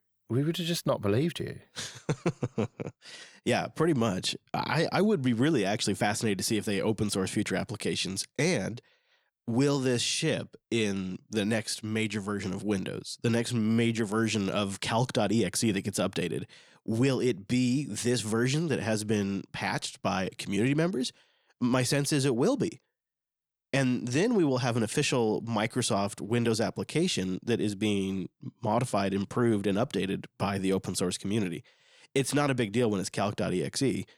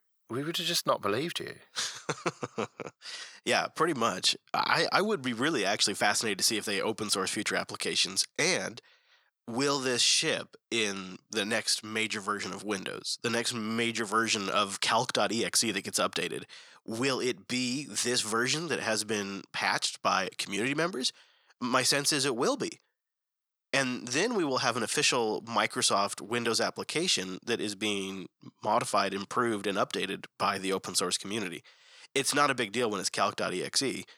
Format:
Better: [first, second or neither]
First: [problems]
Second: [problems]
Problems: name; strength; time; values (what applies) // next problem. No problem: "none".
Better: first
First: none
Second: thin; somewhat; fading below 700 Hz